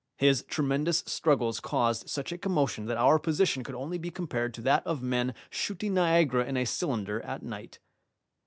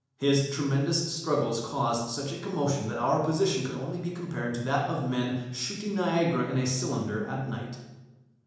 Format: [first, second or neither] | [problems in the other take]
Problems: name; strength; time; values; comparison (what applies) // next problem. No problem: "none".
first | room echo; dies away in 1 s